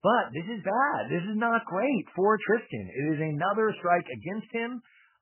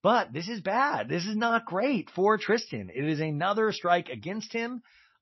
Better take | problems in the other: second | garbled, watery; badly; nothing above 3 kHz; slightly in the second

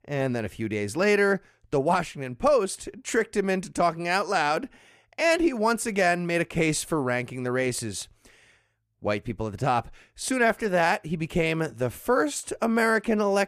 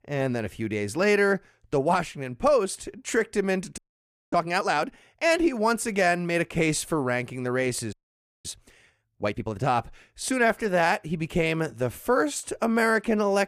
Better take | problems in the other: first | audio freezing; at 4 s for 0.5 s and at 8 s for 0.5 s

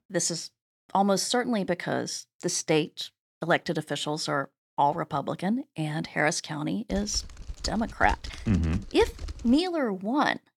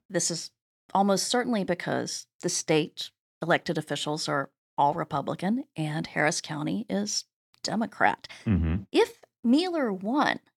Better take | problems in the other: second | keyboard typing; noticeable; from 7 to 9.5 s; peak 10 dB below the speech

